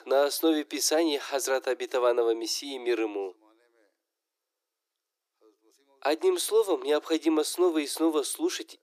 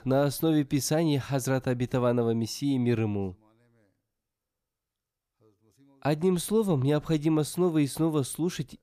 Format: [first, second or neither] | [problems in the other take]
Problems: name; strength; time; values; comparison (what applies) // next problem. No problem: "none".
second | thin; very; fading below 300 Hz